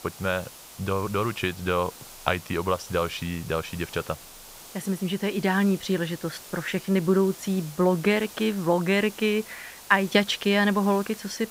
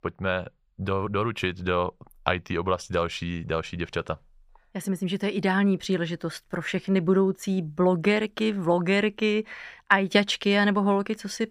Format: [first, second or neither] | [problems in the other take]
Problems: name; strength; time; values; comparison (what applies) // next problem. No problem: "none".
second | hiss; noticeable; throughout; 15 dB below the speech